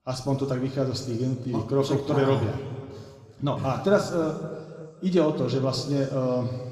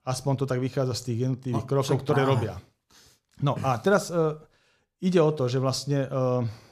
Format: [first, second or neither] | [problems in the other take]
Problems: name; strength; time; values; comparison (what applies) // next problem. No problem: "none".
second | room echo; slight; dies away in 2 s // off-mic speech; somewhat distant